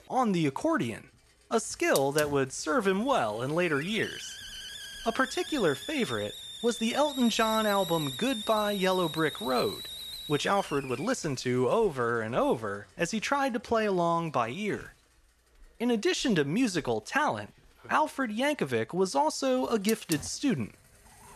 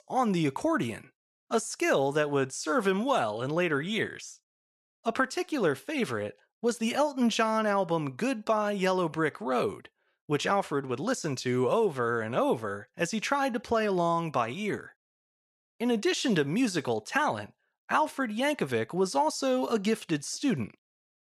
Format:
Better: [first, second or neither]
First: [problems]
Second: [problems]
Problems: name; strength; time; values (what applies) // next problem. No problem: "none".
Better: second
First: hiss; loud; throughout; 9 dB below the speech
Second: none